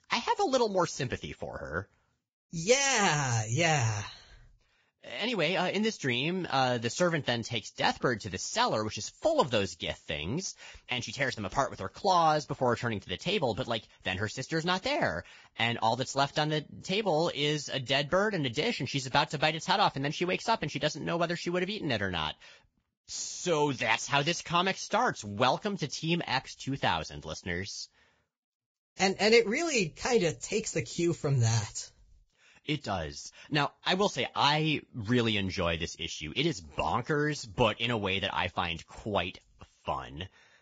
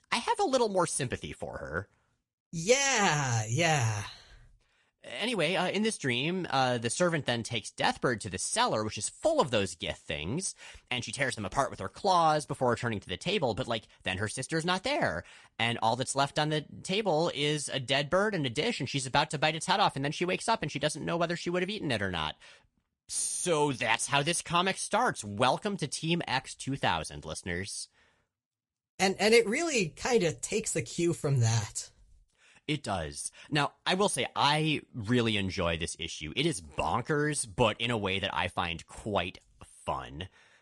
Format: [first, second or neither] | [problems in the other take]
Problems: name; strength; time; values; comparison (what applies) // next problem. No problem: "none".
second | garbled, watery; badly; nothing above 7.5 kHz; slightly in the second